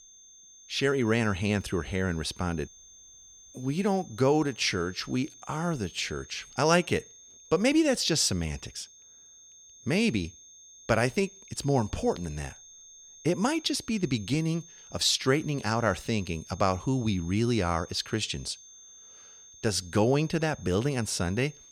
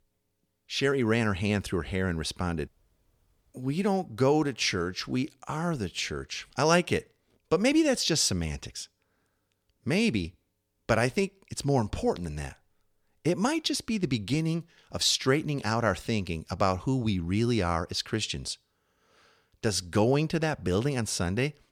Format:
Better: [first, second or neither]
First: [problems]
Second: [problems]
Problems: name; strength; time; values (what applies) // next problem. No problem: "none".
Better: second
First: high-pitched whine; faint; throughout; 6.5 kHz, 20 dB below the speech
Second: none